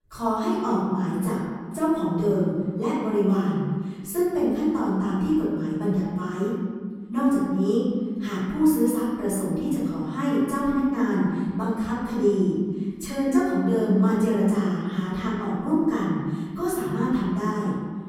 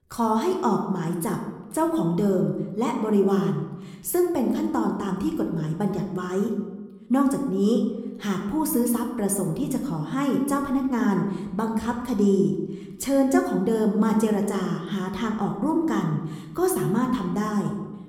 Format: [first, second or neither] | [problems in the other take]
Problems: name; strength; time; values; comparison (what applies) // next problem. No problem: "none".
second | room echo; strong; dies away in 1.6 s; slight in the second // off-mic speech; far